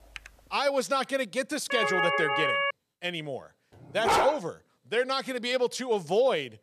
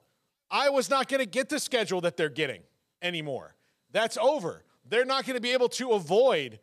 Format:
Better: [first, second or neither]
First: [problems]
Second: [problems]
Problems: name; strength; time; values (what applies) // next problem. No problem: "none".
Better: second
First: keyboard typing; faint; at the start; peak 15 dB below the speech // siren; loud; from 1.5 to 2.5 s; peak 3 dB above the speech // dog barking; loud; at 4 s; peak 4 dB above the speech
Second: none